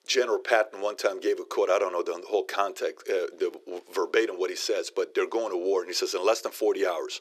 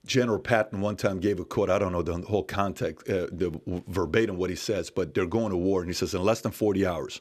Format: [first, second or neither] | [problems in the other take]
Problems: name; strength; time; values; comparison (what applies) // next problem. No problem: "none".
second | thin; very; fading below 350 Hz